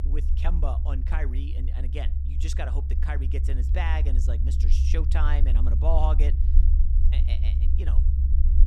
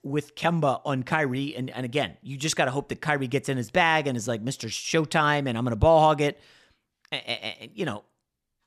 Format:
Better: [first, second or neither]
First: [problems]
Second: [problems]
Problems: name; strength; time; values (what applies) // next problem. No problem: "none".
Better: second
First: low rumble; loud; throughout; 7 dB below the speech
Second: none